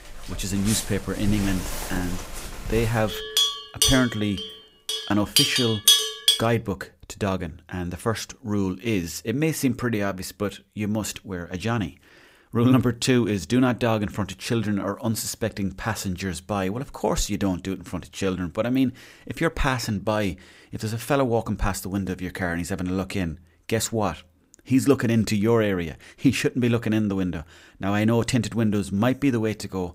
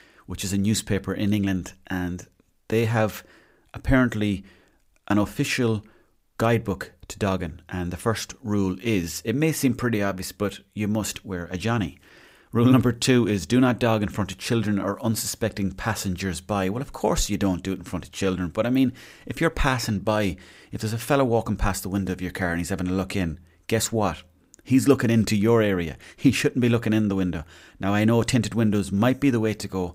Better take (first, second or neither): second